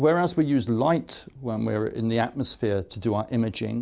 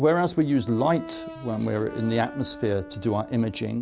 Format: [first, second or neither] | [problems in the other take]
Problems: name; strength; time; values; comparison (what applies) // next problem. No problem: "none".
first | background sound (Brass instrument); 16 dB below the speech